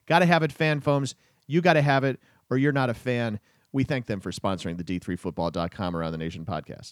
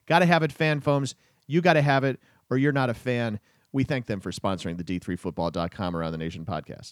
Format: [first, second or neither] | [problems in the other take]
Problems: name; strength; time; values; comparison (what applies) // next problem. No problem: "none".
neither | none